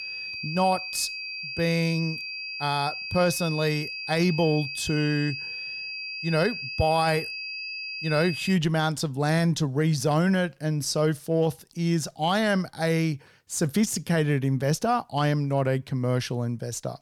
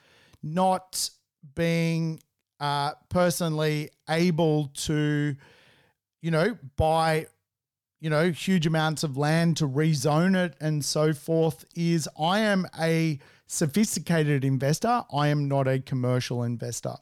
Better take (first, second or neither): second